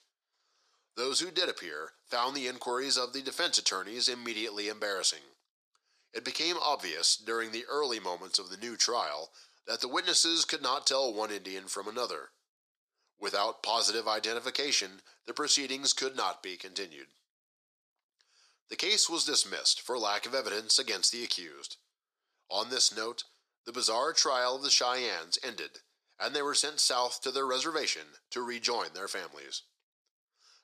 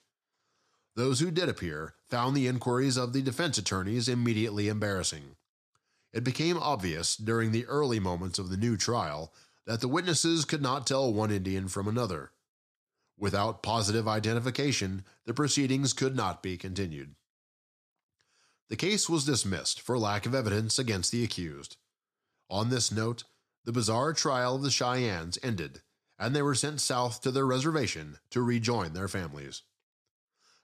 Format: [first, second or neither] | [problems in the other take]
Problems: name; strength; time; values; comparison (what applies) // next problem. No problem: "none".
second | thin; very; fading below 450 Hz